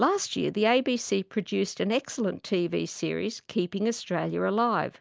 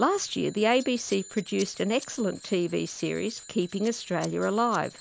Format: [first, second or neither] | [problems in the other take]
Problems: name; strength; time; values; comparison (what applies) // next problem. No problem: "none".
first | background sound (Scissors + Bicycle bell); 18 dB below the speech